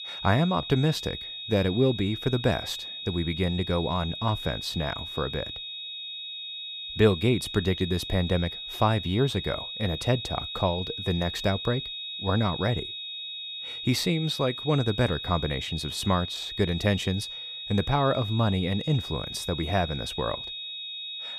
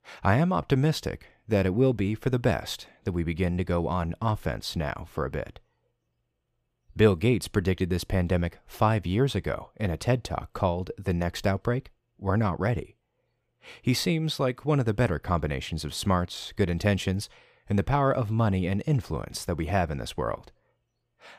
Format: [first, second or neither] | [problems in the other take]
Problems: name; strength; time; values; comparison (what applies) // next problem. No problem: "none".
second | high-pitched whine; loud; throughout; 3.5 kHz, 7 dB below the speech